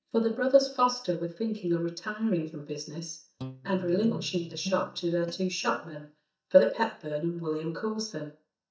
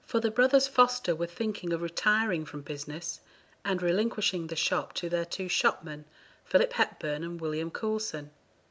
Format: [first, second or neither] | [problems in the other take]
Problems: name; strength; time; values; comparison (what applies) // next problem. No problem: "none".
second | noise reduction (neural mask model DeepFilterNet 3)